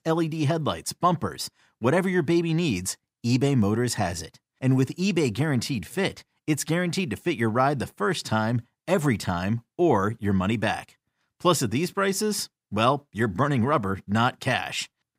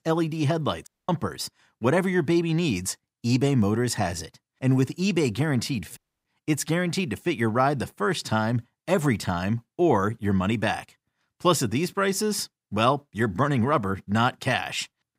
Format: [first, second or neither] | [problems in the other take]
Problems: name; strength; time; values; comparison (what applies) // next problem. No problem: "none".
first | audio cutting out; at 1 s and at 6 s